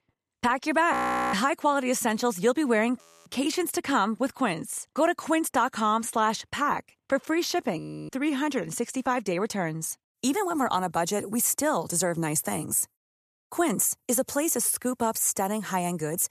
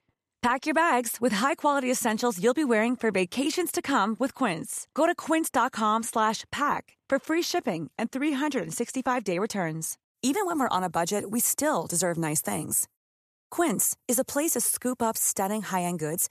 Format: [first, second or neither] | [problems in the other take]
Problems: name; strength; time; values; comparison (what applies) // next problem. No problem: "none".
second | audio freezing; at 1 s, at 3 s and at 8 s